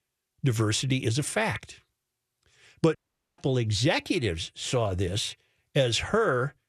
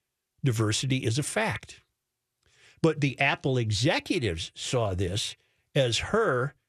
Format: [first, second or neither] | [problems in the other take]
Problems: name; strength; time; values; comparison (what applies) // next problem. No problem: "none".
second | audio cutting out; at 3 s